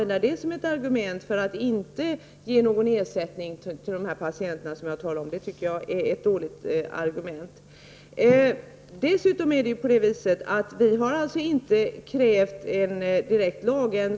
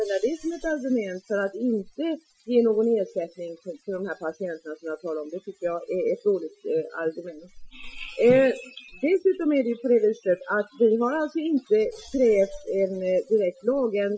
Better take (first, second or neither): first